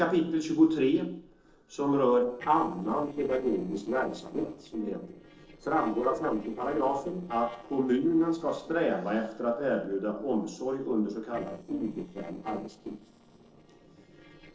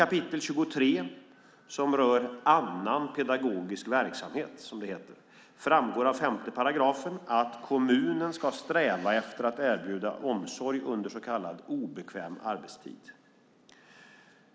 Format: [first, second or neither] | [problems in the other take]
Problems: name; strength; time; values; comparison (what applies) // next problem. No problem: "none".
second | noise reduction (neural separator model SepFormer DNS4)